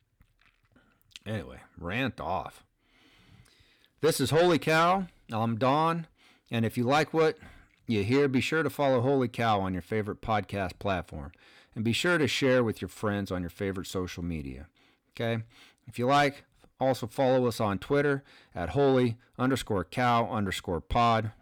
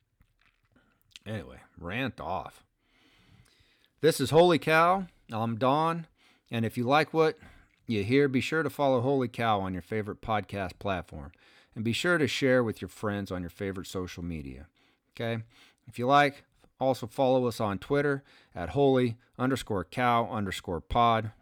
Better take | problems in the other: second | distortion; slight; 10 dB below the speech

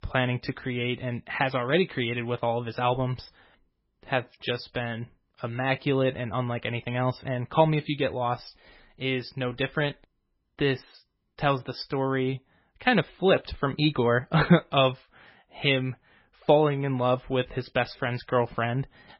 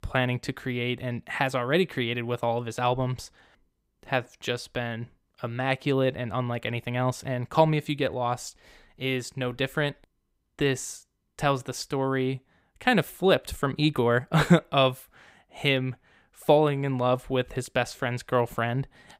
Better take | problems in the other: second | garbled, watery; badly; nothing above 5.5 kHz

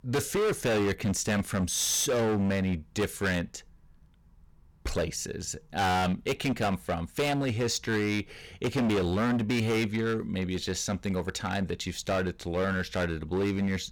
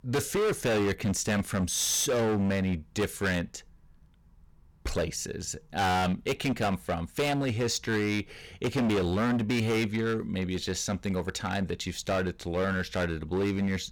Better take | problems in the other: neither | distortion; heavy; 16% of the sound clipped; the same in both

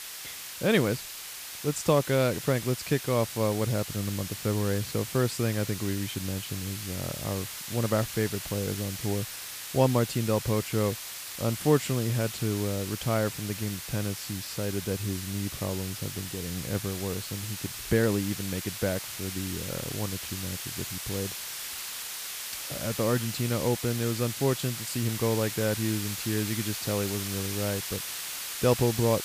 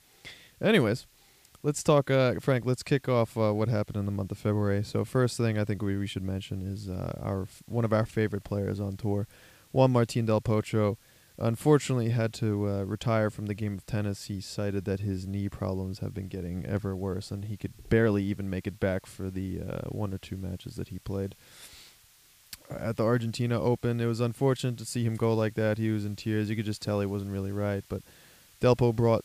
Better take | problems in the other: second | hiss; loud; throughout; 5 dB below the speech; faint in the second

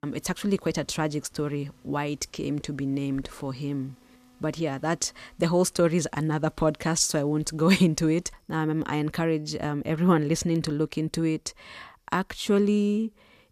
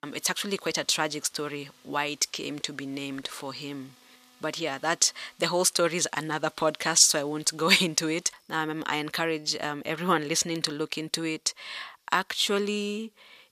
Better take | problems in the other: first | thin; somewhat; fading below 1 kHz

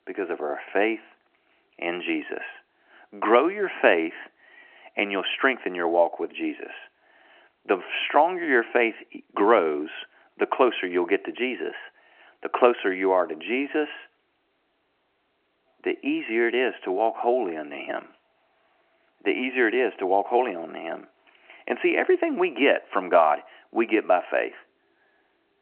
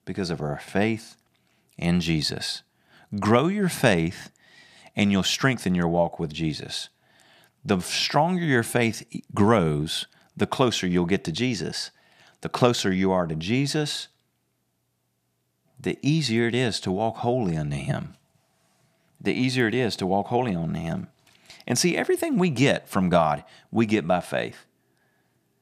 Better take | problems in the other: second | phone-call audio; nothing above 3 kHz

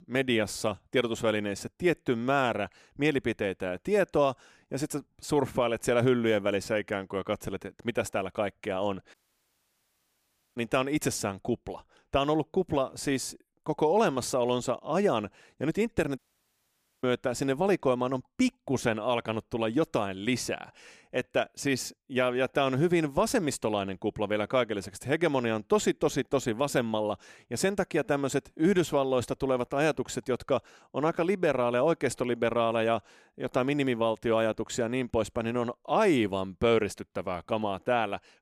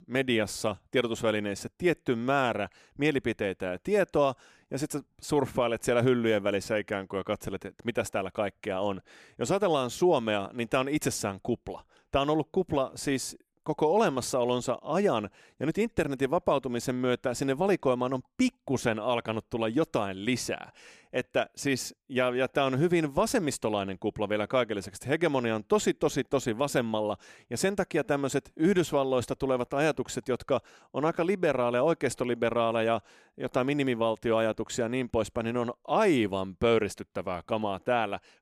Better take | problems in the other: second | audio cutting out; at 9 s for 1.5 s and at 16 s for 1 s

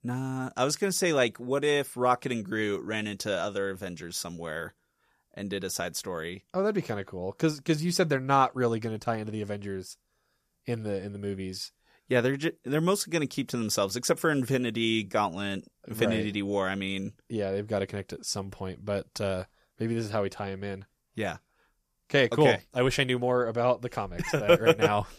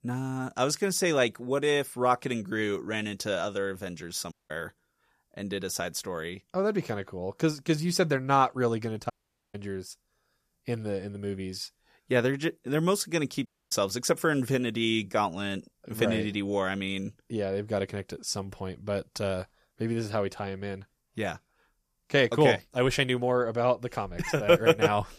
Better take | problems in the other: first | audio cutting out; at 4.5 s, at 9 s and at 13 s

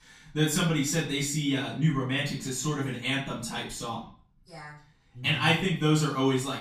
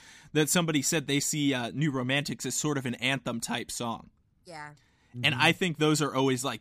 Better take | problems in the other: second | room echo; slight; dies away in 0.4 s // off-mic speech; far

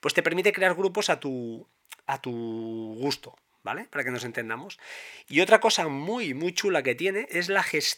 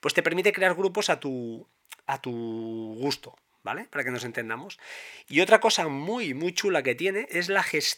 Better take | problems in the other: neither | thin; somewhat; fading below 700 Hz; the same in both

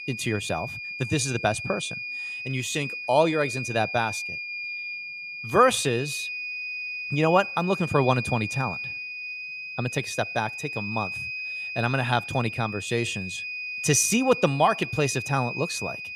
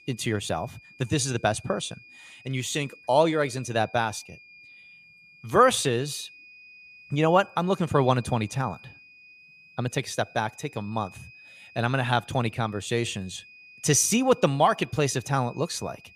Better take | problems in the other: second | high-pitched whine; loud; throughout; 2.5 kHz, 6 dB below the speech; faint in the second

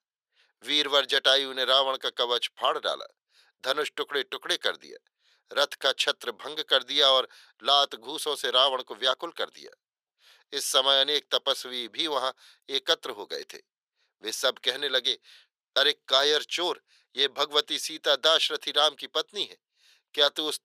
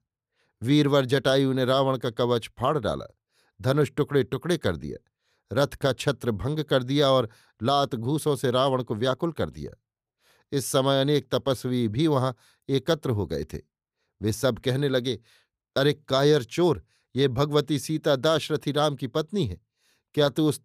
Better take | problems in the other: second | thin; very; fading below 500 Hz

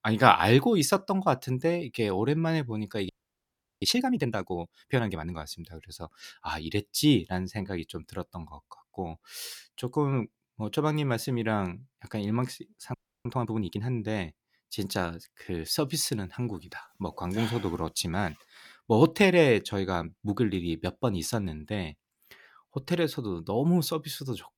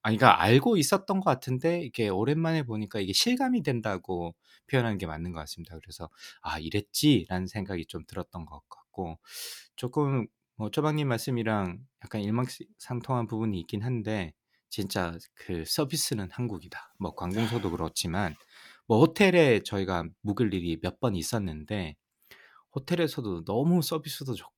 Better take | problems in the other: second | audio freezing; at 3 s for 0.5 s and at 13 s

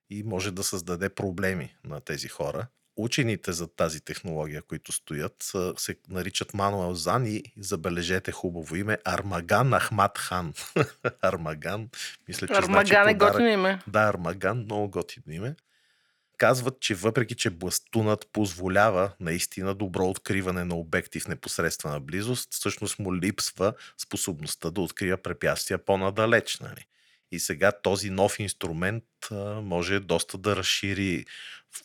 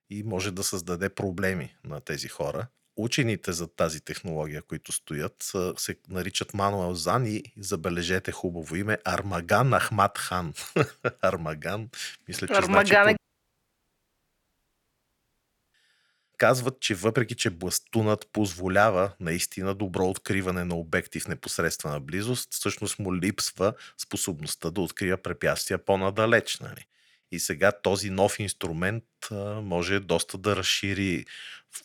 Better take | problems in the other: first | audio cutting out; at 13 s for 2.5 s

